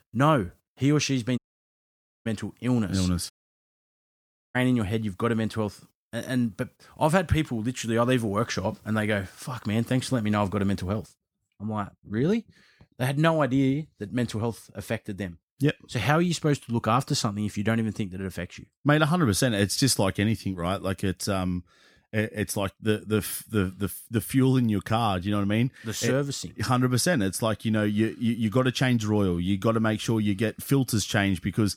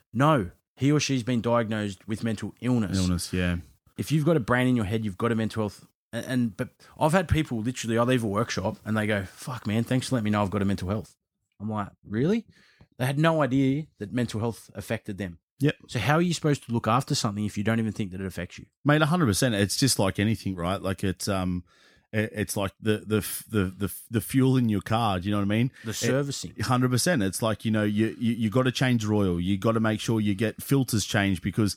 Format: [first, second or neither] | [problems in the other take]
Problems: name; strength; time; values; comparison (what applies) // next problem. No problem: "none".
second | audio cutting out; at 1.5 s for 1 s and at 3.5 s for 1 s